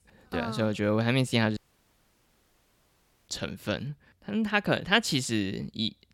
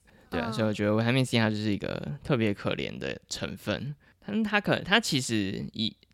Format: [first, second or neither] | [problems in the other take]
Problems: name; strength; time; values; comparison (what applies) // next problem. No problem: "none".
second | audio cutting out; at 1.5 s for 1.5 s